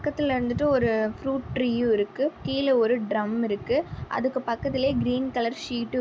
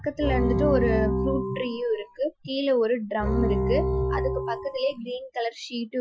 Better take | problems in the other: first | noise reduction (classical method Wiener filter)

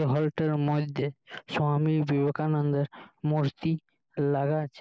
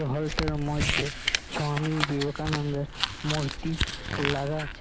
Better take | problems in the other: first | background sound (Crumpling, crinkling); 2 dB below the speech

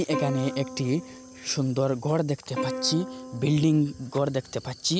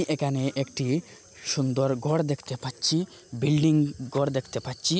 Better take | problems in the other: second | background sound (Plucked string instrument); 10 dB below the speech

